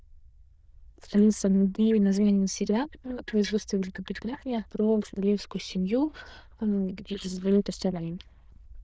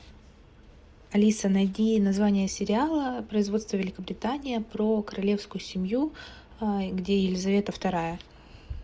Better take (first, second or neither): second